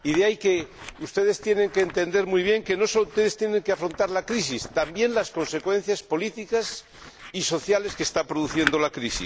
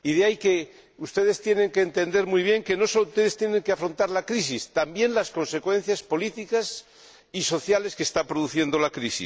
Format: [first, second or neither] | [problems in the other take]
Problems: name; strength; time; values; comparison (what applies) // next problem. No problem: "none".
second | background sound (Scissors); 15 dB below the speech